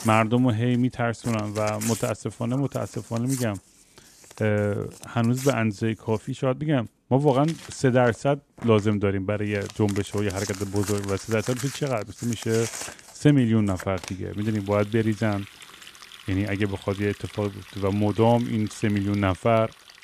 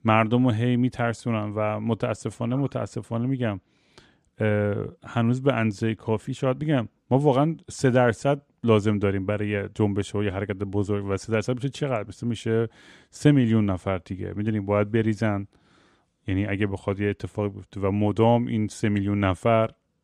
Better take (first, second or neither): second